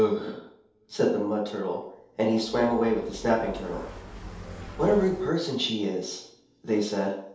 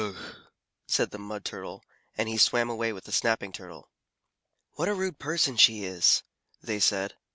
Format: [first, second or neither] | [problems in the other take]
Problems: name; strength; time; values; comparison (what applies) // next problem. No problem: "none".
second | background sound (Motorcycle); 13 dB below the speech // room echo; dies away in 0.8 s